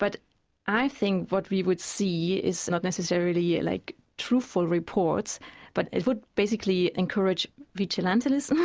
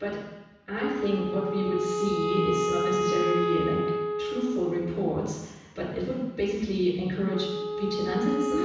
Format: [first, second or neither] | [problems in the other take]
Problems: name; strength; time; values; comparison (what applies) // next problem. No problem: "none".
first | background sound (Wind instrument, woodwind instrument); 2 dB below the speech // room echo; dies away in 1.1 s